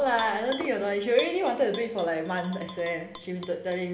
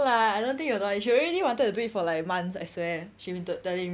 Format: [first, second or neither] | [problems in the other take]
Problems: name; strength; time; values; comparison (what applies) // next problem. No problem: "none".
second | background sound (Tap / Glass); 15 dB below the speech // room echo; dies away in 1 s